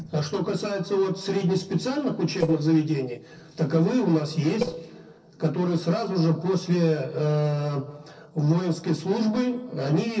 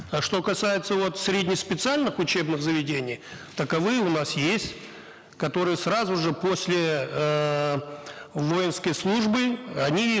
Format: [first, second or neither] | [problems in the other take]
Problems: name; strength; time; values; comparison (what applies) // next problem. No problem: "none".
second | noise reduction (neural separator model SepFormer DNS4)